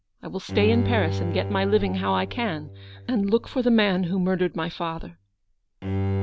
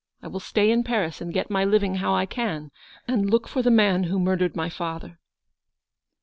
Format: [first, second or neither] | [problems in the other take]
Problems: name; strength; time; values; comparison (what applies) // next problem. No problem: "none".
second | background sound (Bowed string instrument); 6 dB below the speech